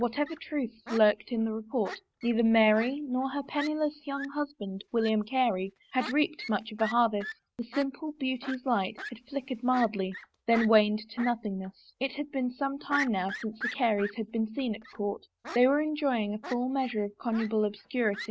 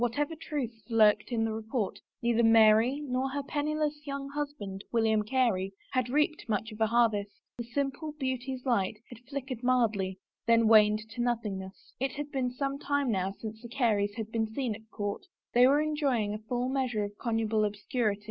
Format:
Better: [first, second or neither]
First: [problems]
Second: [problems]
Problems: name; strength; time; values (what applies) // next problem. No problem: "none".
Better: second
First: noise reduction (neural mask model RNNoise)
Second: none